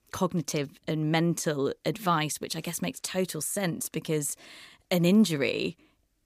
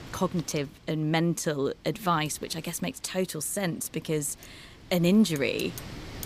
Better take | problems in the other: first | wind noise on the microphone; occasional gusts; 20 dB below the speech

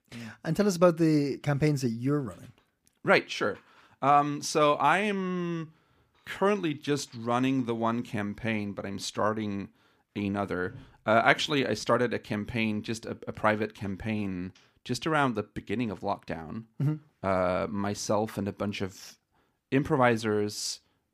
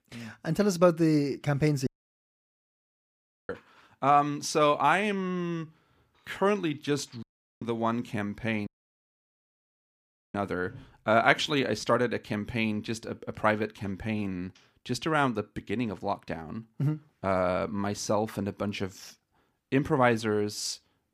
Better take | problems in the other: first | audio cutting out; at 2 s for 1.5 s, at 7 s and at 8.5 s for 1.5 s

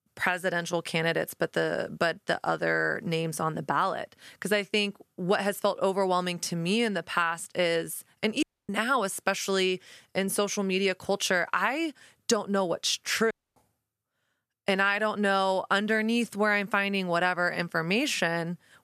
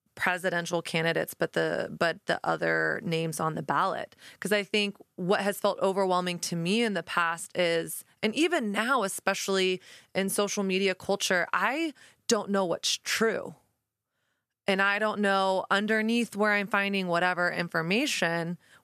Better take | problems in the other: second | audio cutting out; at 8.5 s and at 13 s

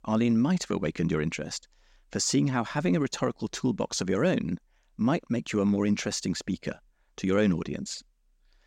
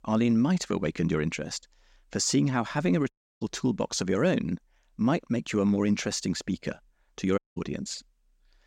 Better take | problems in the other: first | audio cutting out; at 3 s and at 7.5 s

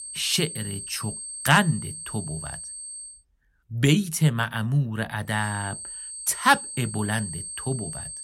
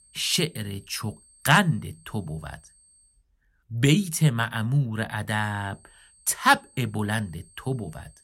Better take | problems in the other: second | high-pitched whine; loud; until 3 s and from 5.5 s on; 8.5 kHz, 9 dB below the speech; faint in the second

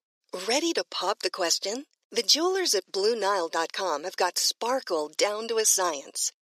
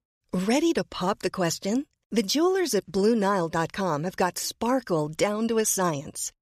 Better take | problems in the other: second | thin; very; fading below 350 Hz

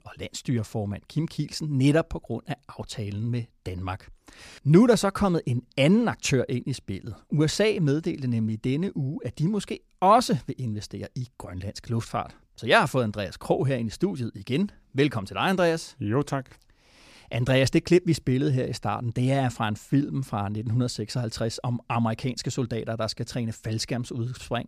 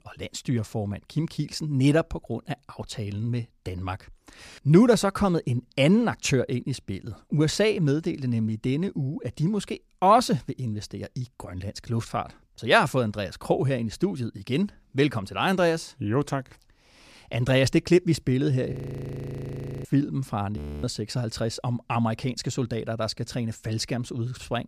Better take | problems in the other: first | audio freezing; at 19 s for 1 s and at 21 s

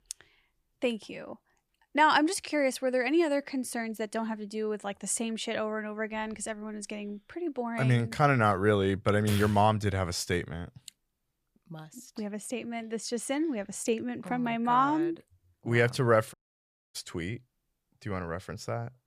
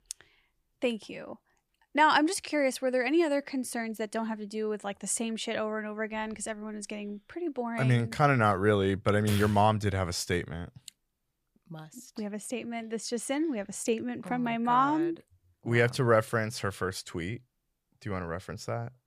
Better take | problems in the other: second | audio cutting out; at 16 s for 0.5 s

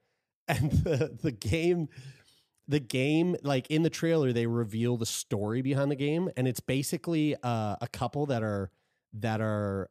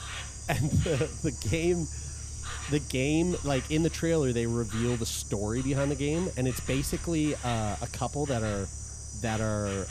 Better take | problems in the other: first | animal sounds; loud; throughout; 8 dB below the speech

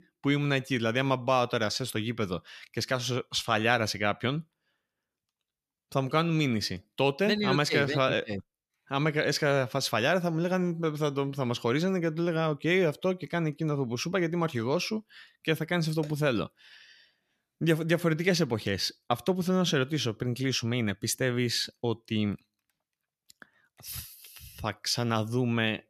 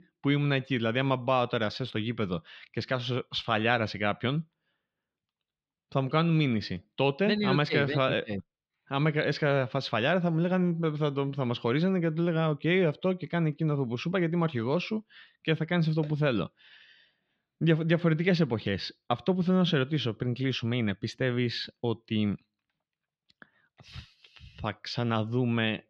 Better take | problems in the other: first | muffled; very slightly; fading above 3.5 kHz

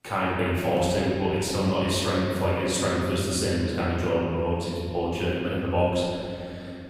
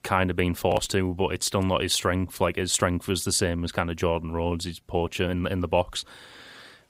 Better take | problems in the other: second | room echo; strong; dies away in 2.9 s // off-mic speech; far

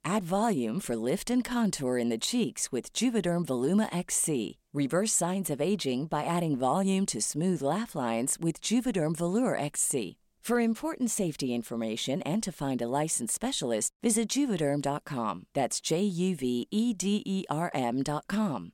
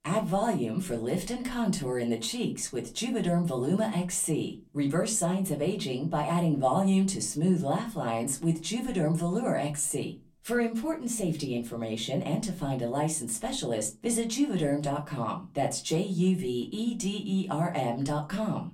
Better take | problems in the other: first | off-mic speech; far // room echo; very slight; dies away in 0.3 s

